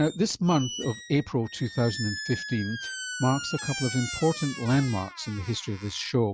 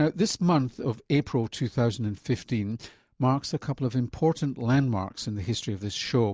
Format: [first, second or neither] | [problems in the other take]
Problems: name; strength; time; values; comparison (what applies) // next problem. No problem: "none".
second | noise reduction (classical method Wiener filter)